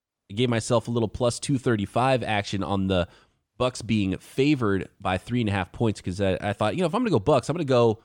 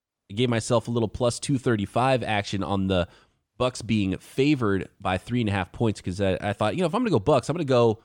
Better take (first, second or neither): neither